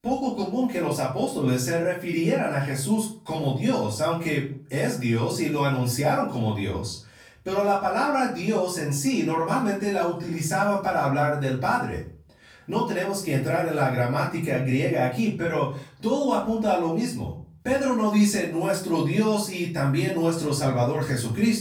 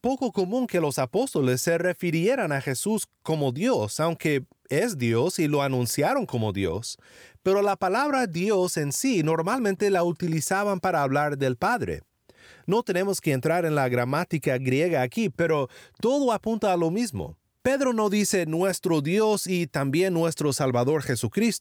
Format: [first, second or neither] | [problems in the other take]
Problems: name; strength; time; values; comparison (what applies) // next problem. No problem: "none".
second | off-mic speech; far // room echo; slight; dies away in 0.4 s